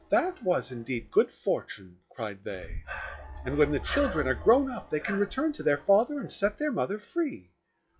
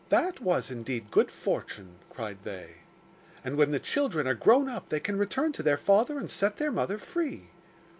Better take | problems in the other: second | noise reduction (classical method log-MMSE)

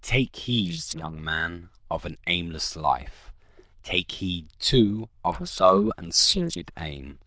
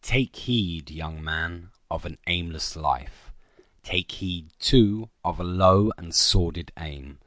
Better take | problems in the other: second | noise reduction (neural diffusion model UNIVERSE++)

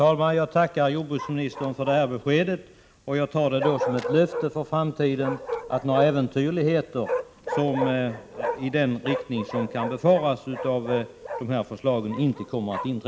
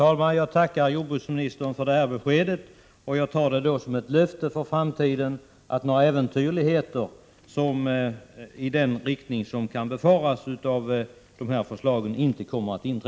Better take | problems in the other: second | background sound (Bark); 9 dB below the speech

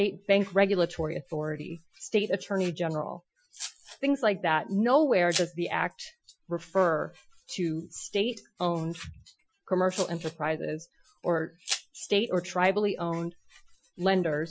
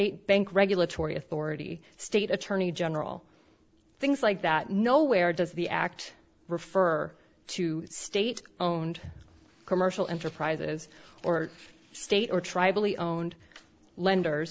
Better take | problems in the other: second | noise reduction (classical method Wiener filter)

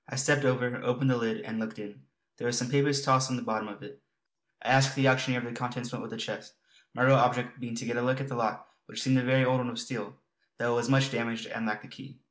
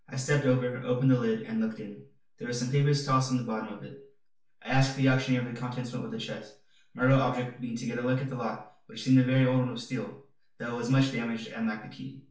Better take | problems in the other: first | room echo; dies away in 0.4 s

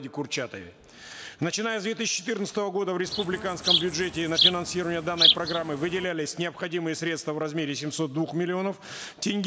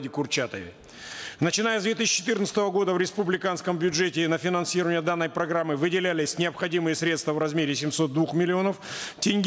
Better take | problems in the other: second | background sound (Insect); 3 dB above the speech

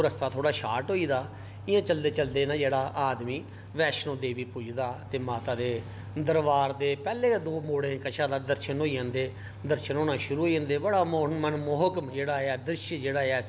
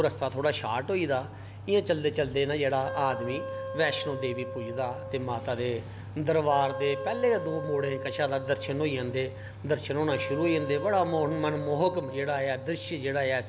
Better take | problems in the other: first | background sound (Wind instrument, woodwind instrument); 9 dB below the speech

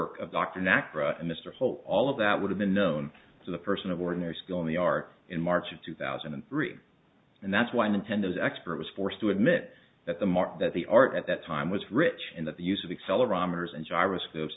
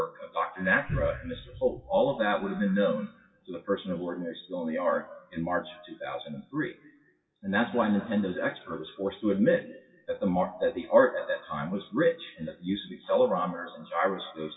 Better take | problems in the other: first | noise reduction (classical method WPE with log-MMSE)

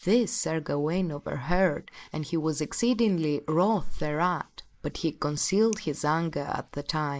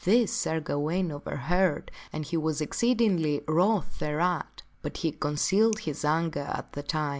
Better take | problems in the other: second | noise reduction (neural mask model Resemble Enhance denoiser)

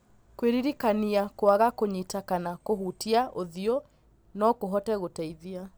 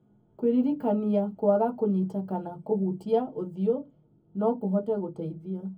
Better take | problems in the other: first | room echo; dies away in 0.3 s

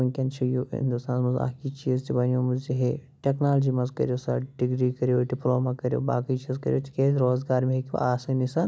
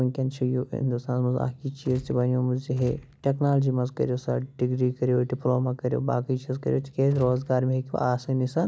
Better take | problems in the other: first | background sound (Gunshot, gunfire); 19 dB below the speech

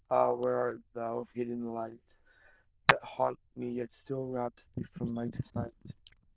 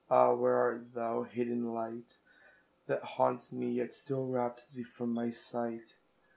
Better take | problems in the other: second | noise reduction (neural diffusion model UNIVERSE++)

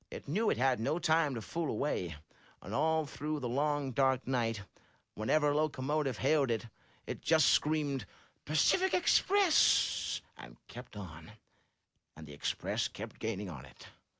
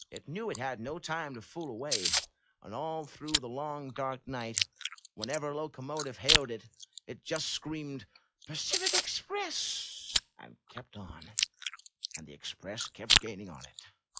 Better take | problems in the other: first | noise reduction (classical method log-MMSE)

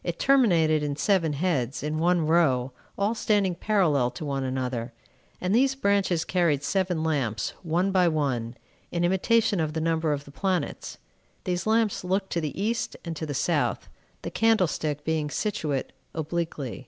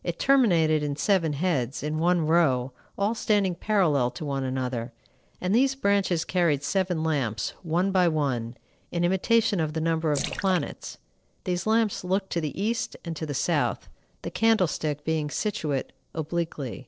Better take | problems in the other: first | noise reduction (neural separator model SepFormer DNS4)

